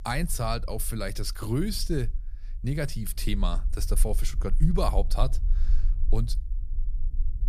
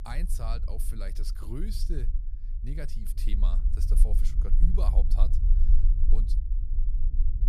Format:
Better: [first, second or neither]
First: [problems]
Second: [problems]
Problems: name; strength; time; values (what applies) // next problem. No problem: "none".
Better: first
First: low rumble; faint; throughout; 20 dB below the speech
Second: low rumble; loud; throughout; 7 dB below the speech